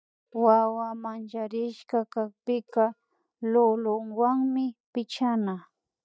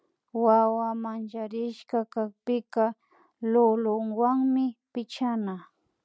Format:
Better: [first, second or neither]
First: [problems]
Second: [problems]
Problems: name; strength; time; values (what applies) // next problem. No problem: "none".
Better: second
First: noise reduction (neural mask model DeepFilterNet 3)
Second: none